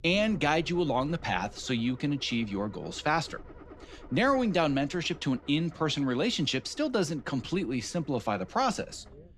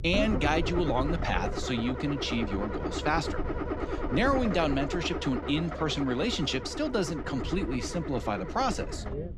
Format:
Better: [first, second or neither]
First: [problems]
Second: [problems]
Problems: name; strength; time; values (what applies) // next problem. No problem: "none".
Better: first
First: low rumble; faint; throughout; 25 dB below the speech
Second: low rumble; loud; throughout; 6 dB below the speech